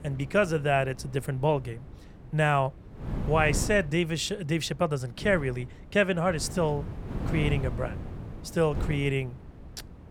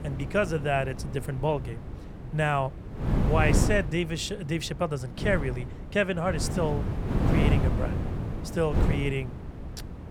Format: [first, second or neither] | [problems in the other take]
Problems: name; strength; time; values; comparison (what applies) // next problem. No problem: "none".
first | wind noise on the microphone; heavy; 7 dB below the speech; occasional gusts in the first